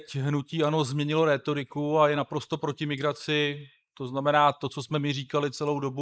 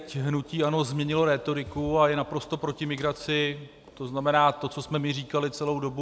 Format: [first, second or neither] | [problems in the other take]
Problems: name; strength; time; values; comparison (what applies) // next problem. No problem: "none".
second | noise reduction (neural mask model Resemble Enhance denoiser)